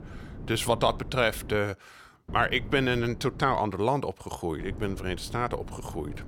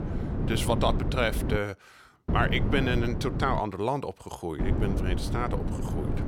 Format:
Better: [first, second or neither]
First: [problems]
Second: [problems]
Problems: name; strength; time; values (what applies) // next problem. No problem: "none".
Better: first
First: wind noise on the microphone; occasional gusts; until 1.5 s, from 2.5 to 3.5 s and from 4.5 s on; 20 dB below the speech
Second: wind noise on the microphone; heavy; until 1.5 s, from 2.5 to 3.5 s and from 4.5 s on; 8 dB below the speech